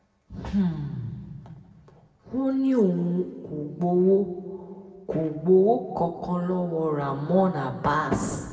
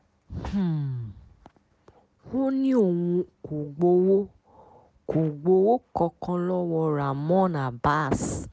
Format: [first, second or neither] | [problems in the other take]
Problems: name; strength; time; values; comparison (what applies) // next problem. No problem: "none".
second | room echo; dies away in 1.8 s